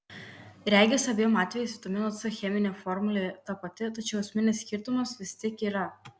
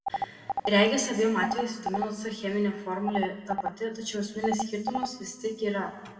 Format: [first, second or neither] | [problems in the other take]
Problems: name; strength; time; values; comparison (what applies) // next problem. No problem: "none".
first | background sound (Telephone); 6 dB below the speech // room echo; dies away in 1.3 s